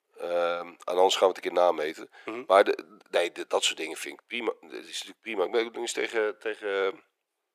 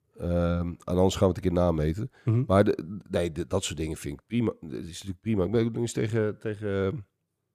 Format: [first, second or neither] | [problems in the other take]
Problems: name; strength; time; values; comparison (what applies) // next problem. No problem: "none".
second | thin; very; fading below 400 Hz